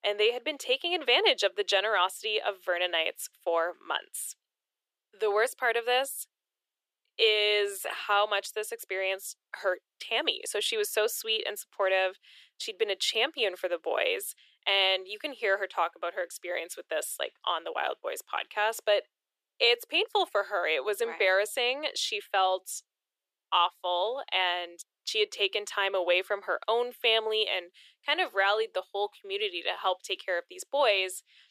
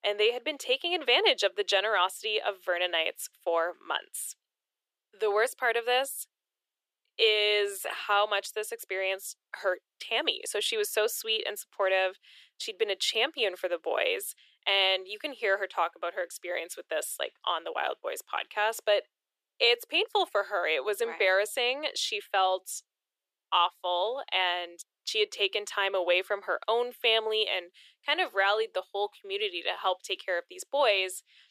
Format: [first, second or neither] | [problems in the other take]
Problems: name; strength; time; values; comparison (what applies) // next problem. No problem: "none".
neither | thin; very; fading below 400 Hz; the same in both